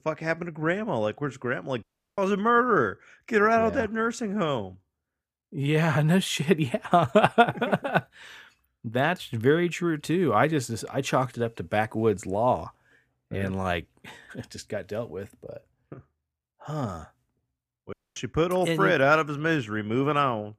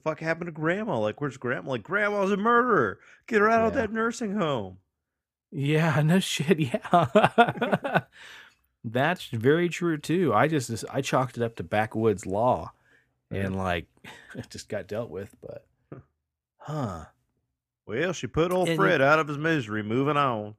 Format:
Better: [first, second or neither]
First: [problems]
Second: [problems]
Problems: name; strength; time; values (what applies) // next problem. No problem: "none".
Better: second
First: audio cutting out; at 2 s and at 18 s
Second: none